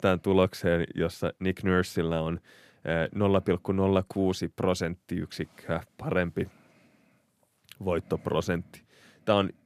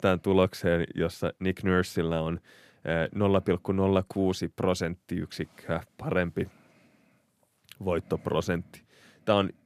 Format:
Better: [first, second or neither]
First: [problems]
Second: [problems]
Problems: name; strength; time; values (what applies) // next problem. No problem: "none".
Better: neither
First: none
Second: none